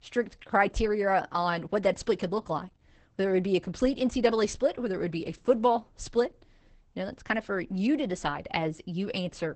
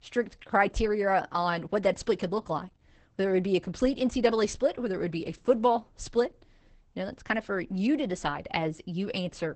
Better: neither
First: garbled, watery; badly; nothing above 8 kHz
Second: garbled, watery; badly; nothing above 8 kHz

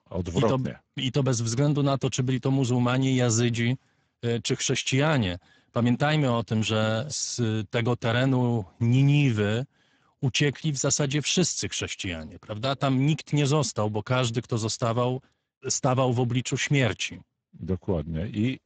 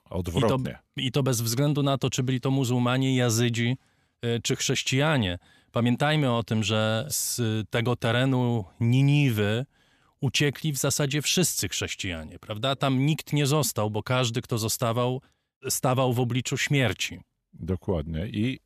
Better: second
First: garbled, watery; badly; nothing above 7.5 kHz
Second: none

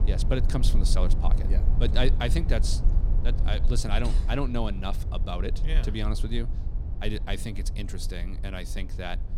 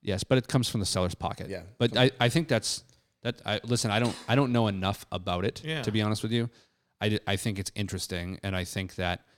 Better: second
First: low rumble; noticeable; throughout; 10 dB below the speech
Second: none

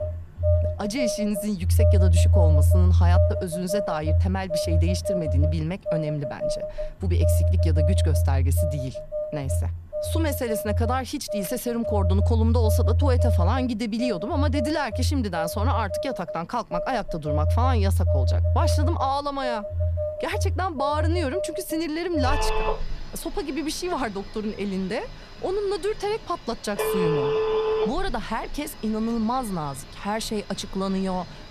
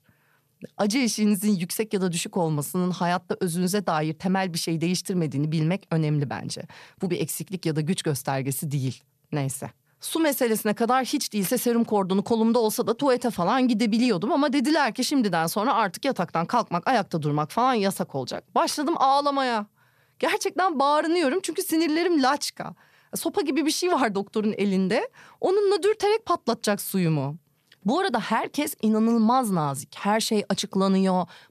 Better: second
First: alarms or sirens; very loud; throughout; 4 dB above the speech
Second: none

